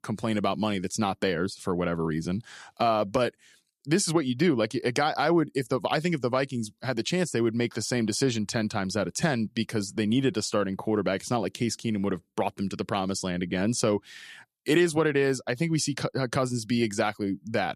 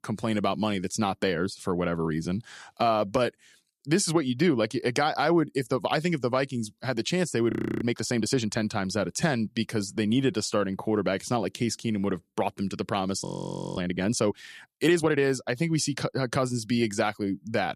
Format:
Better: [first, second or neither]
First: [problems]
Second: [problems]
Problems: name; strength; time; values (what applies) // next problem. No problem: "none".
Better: first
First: none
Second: audio freezing; at 7.5 s and at 13 s for 0.5 s